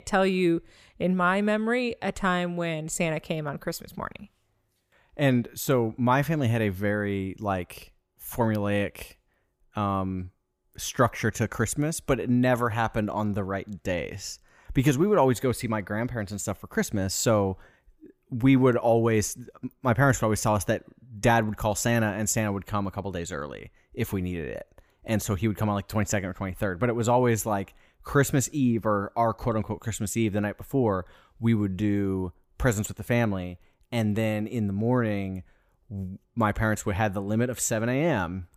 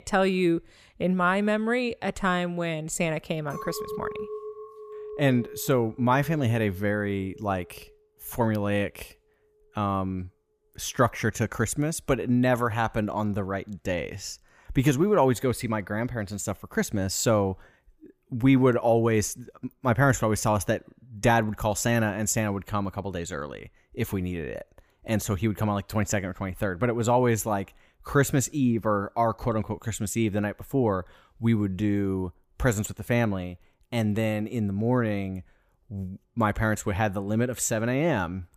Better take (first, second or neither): first